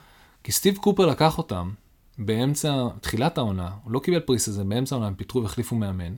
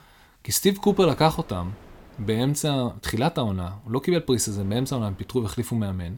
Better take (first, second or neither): first